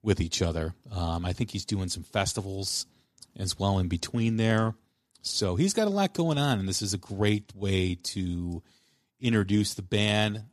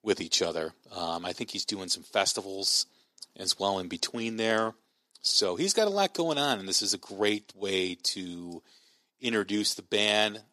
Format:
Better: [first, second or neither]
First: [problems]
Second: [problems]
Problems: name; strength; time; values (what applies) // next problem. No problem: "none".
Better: first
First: none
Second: thin; somewhat; fading below 400 Hz